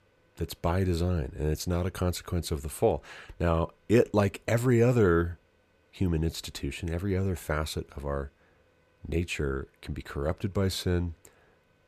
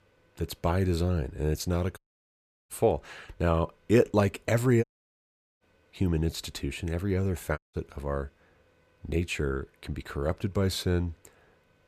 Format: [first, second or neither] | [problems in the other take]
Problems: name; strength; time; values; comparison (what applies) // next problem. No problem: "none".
first | audio cutting out; at 2 s for 0.5 s, at 5 s for 1 s and at 7.5 s